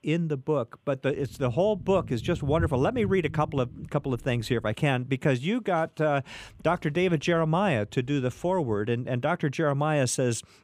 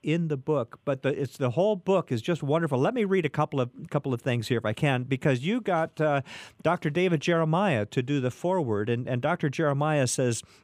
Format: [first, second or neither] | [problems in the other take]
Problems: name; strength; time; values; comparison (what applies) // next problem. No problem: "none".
second | low rumble; faint; from 1 to 5 s and from 6.5 to 9 s; 20 dB below the speech